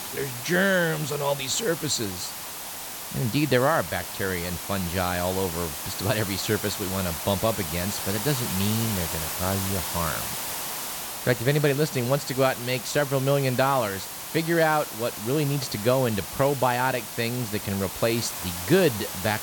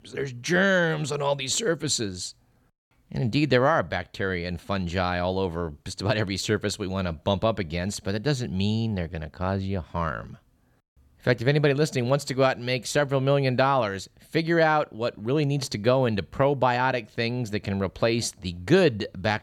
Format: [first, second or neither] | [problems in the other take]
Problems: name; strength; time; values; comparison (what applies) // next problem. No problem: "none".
second | hiss; loud; throughout; 6 dB below the speech